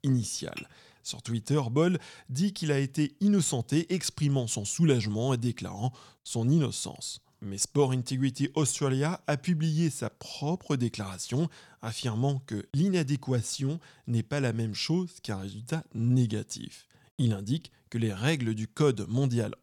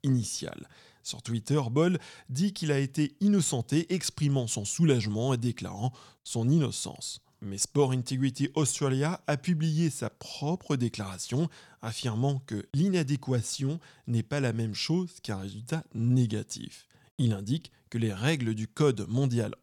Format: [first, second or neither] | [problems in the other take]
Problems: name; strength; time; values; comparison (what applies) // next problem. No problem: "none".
second | clattering dishes; faint; at 0.5 s; peak 15 dB below the speech